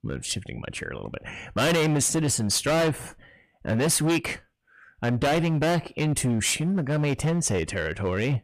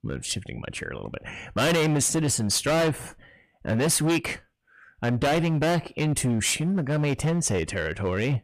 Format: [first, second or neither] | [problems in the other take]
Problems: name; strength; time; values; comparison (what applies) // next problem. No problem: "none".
neither | distortion; heavy; 15% of the sound clipped; the same in both